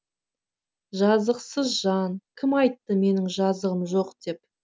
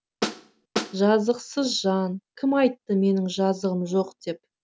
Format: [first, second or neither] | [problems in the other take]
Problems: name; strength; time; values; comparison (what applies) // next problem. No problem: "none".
first | background sound (Snare drum); 6 dB below the speech